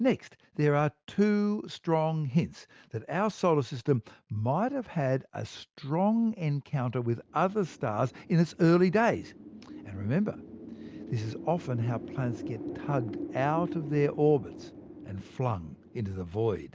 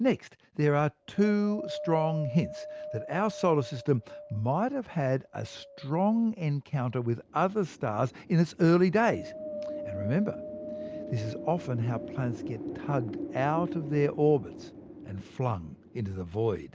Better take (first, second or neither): first